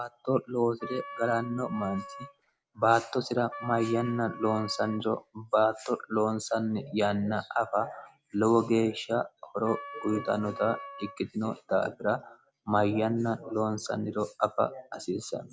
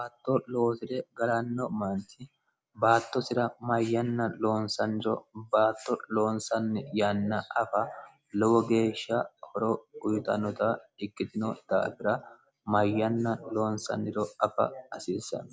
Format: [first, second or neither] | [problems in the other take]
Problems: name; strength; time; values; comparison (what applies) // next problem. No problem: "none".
second | background sound (Wind instrument, woodwind instrument); 13 dB below the speech